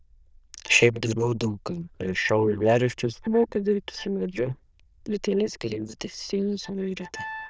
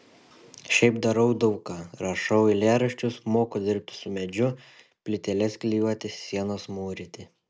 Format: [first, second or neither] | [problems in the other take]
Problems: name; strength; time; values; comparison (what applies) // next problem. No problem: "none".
second | noise reduction (neural diffusion model UNIVERSE++)